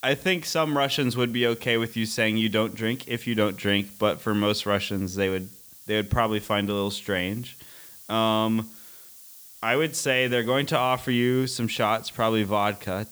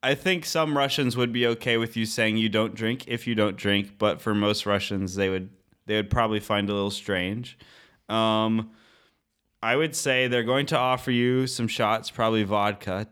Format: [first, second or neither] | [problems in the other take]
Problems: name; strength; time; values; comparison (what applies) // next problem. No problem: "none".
second | hiss; noticeable; throughout; 20 dB below the speech